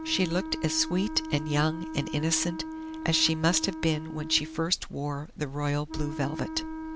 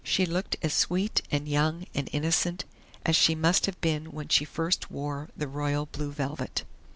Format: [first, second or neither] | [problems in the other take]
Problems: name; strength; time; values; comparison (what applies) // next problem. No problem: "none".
second | background sound (Wind instrument, woodwind instrument); 9 dB below the speech